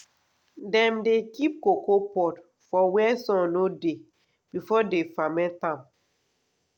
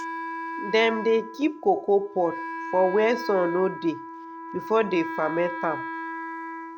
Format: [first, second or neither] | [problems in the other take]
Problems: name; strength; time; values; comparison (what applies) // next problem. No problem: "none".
first | background sound (Wind instrument, woodwind instrument); 9 dB below the speech